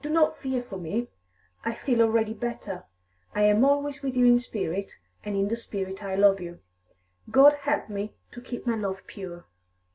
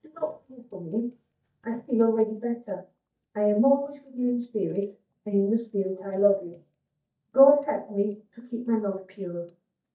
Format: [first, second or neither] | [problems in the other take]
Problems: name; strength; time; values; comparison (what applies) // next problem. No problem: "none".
first | noise reduction (neural mask model DeepFilterNet 3)